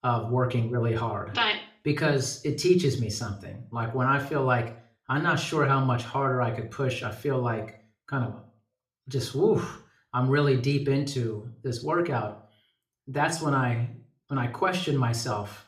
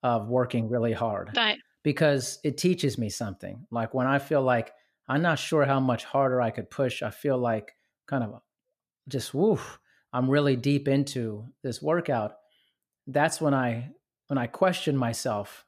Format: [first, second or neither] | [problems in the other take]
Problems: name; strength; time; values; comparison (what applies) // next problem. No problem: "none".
second | room echo; very slight; dies away in 0.4 s // off-mic speech; somewhat distant